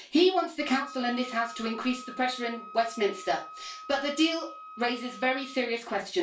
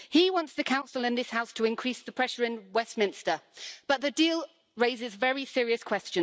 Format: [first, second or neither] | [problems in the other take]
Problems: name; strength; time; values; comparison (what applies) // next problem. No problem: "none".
second | background sound (Wind instrument, woodwind instrument); 16 dB below the speech // room echo; dies away in 0.2 s